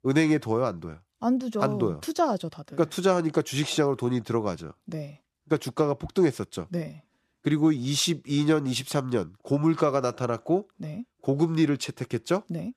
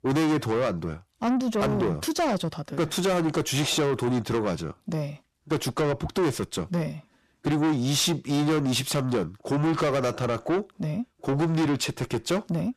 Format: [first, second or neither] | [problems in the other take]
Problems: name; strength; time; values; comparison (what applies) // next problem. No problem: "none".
first | distortion; heavy; 6 dB below the speech